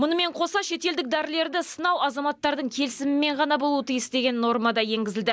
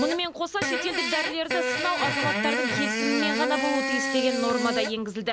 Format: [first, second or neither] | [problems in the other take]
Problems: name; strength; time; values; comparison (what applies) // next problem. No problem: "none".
first | background sound (Fart); 1 dB above the speech